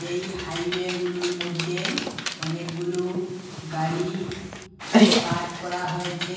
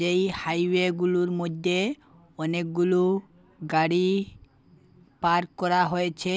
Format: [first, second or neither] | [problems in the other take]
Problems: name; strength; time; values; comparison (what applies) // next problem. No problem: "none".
second | background sound (Dog); 2 dB above the speech // room echo; dies away in 1.2 s